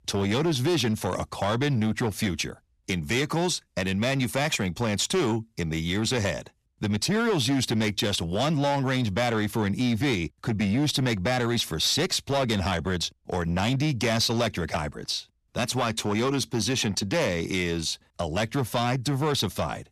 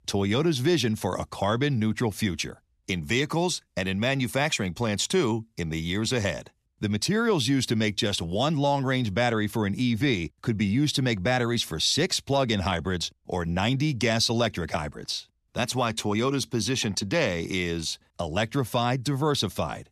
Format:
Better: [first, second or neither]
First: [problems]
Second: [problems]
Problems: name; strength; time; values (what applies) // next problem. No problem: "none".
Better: second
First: distortion; slight; 11% of the sound clipped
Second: none